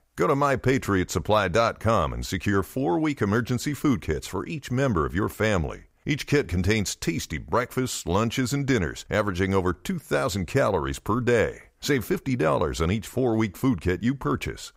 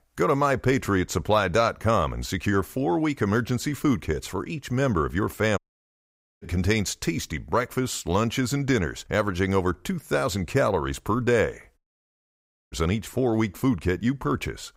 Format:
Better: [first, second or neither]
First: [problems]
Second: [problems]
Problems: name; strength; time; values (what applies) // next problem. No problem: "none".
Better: first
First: none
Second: audio cutting out; at 5.5 s for 1 s and at 12 s for 1 s